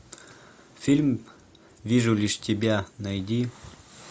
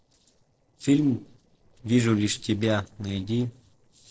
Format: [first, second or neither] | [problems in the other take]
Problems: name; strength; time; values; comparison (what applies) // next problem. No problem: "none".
first | noise reduction (neural separator model SepFormer DNS4)